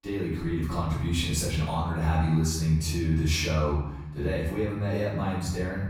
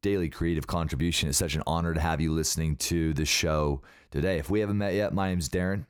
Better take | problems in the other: second | off-mic speech; far // room echo; noticeable; dies away in 0.9 s

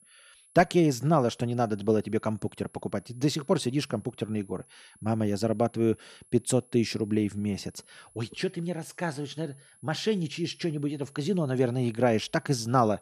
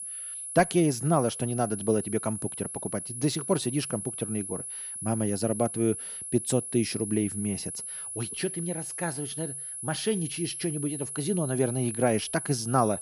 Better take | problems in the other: first | high-pitched whine; loud; throughout; 10.5 kHz, 5 dB below the speech; faint in the first

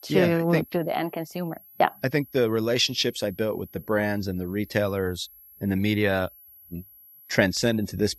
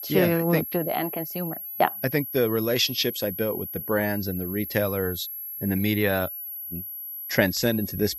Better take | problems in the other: first | high-pitched whine; loud; throughout; 11.5 kHz, 7 dB below the speech; faint in the first

